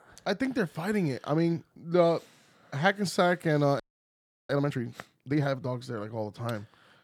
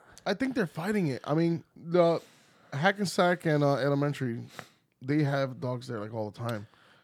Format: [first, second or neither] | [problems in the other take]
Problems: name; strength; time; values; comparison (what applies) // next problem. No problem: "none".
second | audio freezing; at 4 s for 0.5 s